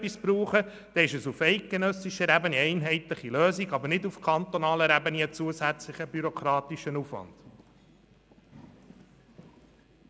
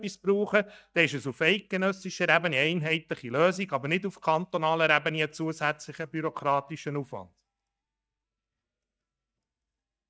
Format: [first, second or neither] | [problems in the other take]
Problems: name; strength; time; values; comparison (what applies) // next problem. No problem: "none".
first | noise reduction (neural mask model DeepFilterNet 3)